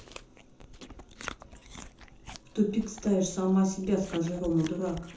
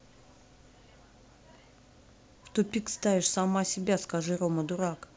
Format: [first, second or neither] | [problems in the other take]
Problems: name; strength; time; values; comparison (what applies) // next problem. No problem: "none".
second | background sound (Chewing, mastication); 16 dB below the speech // room echo; dies away in 0.6 s